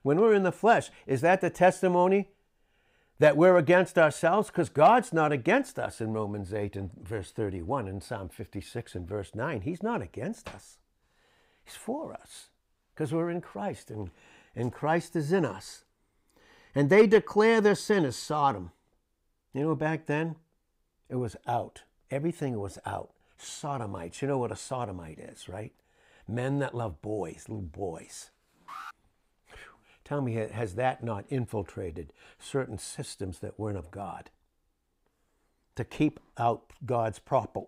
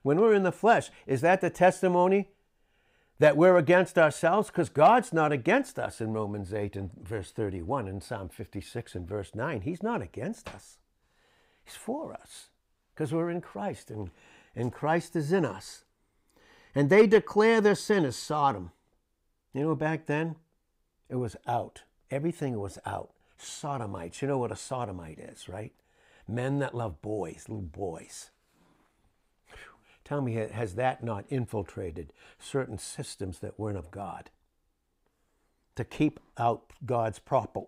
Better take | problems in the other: second | alarm; faint; at 29 s; peak 15 dB below the speech

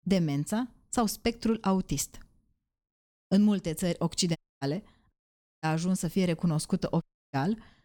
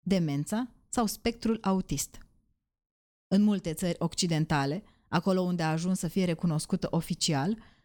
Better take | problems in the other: second | audio cutting out; at 4.5 s, at 5 s for 0.5 s and at 7 s

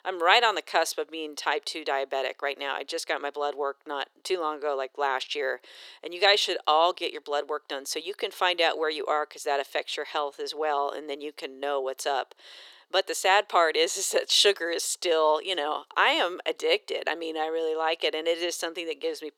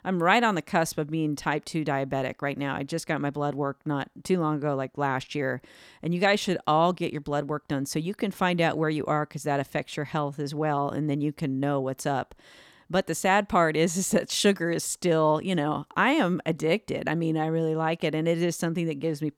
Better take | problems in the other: second | thin; very; fading below 400 Hz

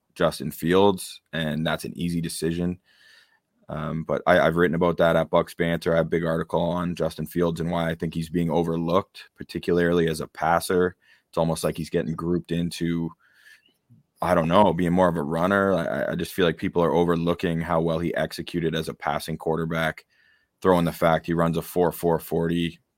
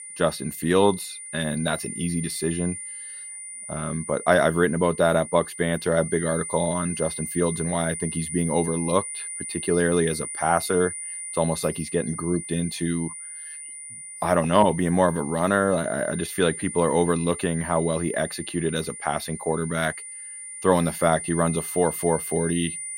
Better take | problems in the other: first | high-pitched whine; loud; throughout; 9.5 kHz, 8 dB below the speech

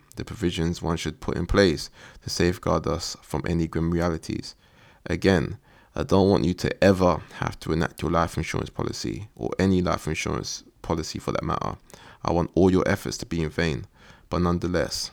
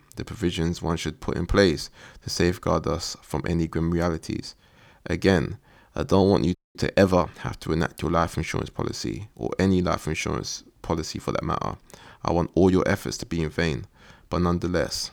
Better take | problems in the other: first | audio freezing; at 6.5 s

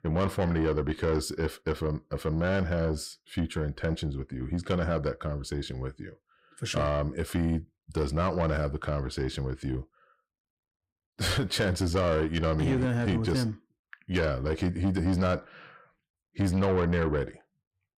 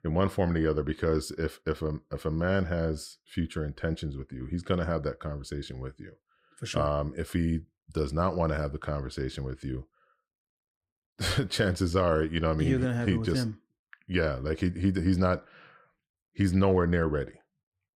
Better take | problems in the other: second | distortion; slight; 10 dB below the speech

